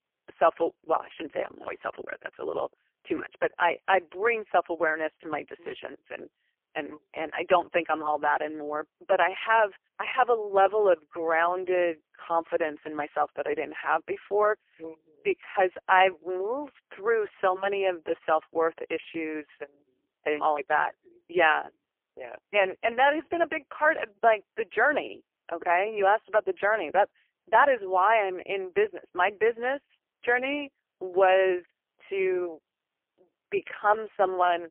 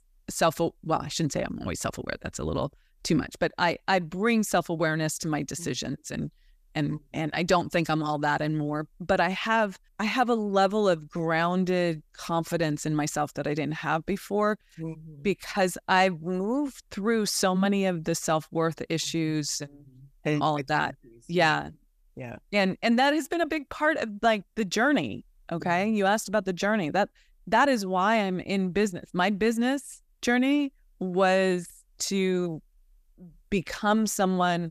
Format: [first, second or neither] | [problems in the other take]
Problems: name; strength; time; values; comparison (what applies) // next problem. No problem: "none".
second | phone-call audio; poor line; nothing above 3 kHz